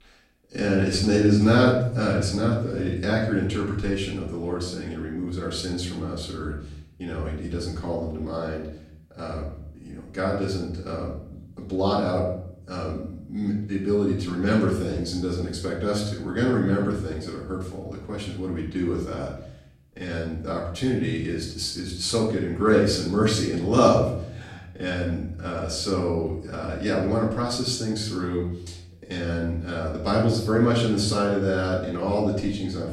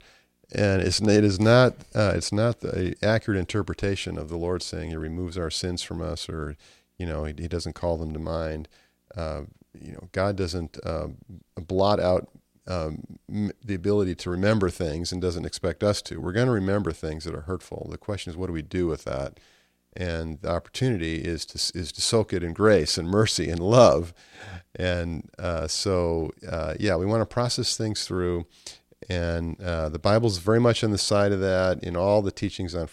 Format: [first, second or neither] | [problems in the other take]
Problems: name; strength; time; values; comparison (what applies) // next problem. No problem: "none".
second | off-mic speech; far // room echo; noticeable; dies away in 0.7 s